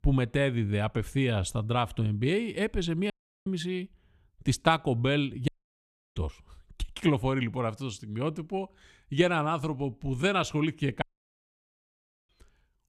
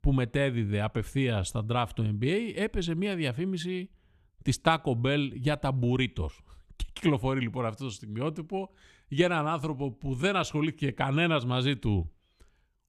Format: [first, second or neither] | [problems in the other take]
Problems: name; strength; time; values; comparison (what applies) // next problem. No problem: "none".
second | audio cutting out; at 3 s, at 5.5 s for 0.5 s and at 11 s for 1.5 s